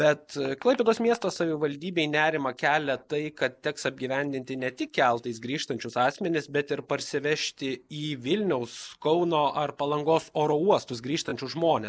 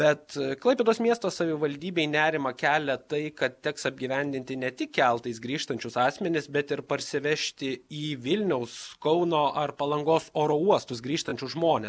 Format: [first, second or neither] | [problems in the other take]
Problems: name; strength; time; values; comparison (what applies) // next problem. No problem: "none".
second | noise reduction (neural mask model Resemble Enhance denoiser)